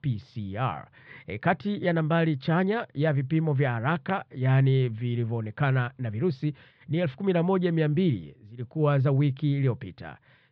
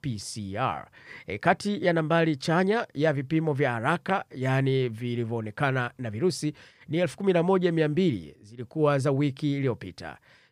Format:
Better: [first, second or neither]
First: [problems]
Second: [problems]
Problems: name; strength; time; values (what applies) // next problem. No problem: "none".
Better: second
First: muffled; slightly; fading above 4 kHz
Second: none